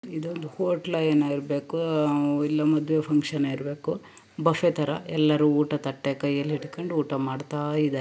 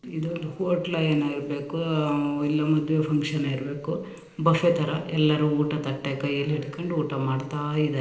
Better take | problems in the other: first | noise reduction (neural separator model SepFormer DNS4)

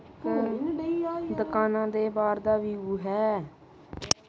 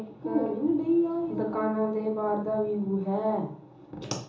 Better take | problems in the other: first | room echo; dies away in 1.2 s

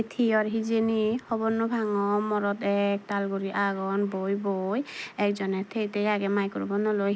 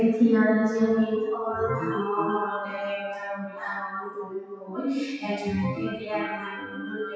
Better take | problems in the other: first | noise reduction (classical method WPE with log-MMSE)

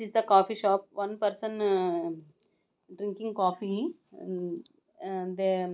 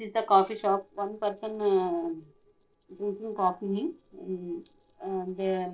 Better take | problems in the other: first | noise reduction (neural separator model SepFormer DNS4)

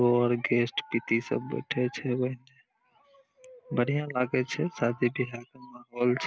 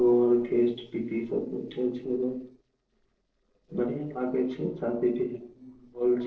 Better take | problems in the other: first | noise reduction (neural separator model SepFormer DNS4)

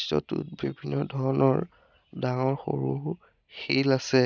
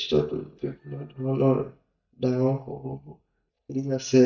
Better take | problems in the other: first | noise reduction (neural mask model DeepFilterNet 3)

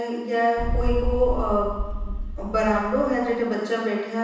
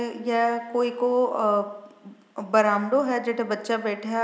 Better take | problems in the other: second | background sound (Boom); 3 dB below the speech // room echo; dies away in 1.1 s

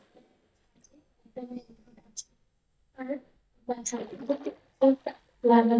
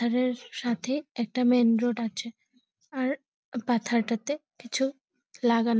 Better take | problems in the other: second | noise reduction (neural mask model DeepFilterNet 3)

